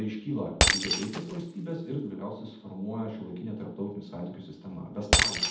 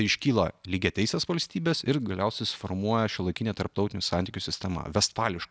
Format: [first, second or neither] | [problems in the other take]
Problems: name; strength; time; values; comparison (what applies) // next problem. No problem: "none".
second | background sound (Shatter); 4 dB above the speech // room echo; dies away in 0.8 s